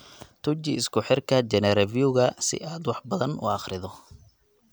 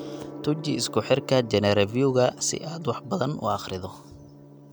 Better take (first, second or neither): first